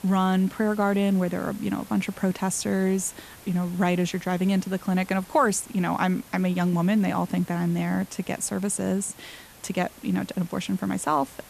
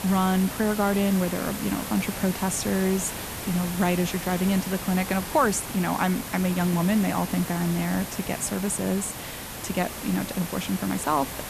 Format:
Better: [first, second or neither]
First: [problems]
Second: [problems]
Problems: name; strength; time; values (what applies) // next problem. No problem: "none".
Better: first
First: hiss; faint; throughout; 20 dB below the speech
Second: hiss; loud; throughout; 7 dB below the speech